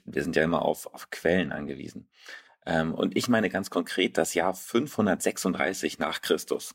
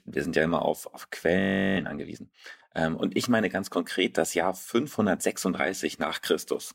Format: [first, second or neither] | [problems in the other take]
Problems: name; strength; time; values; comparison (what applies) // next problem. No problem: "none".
first | audio freezing; at 1.5 s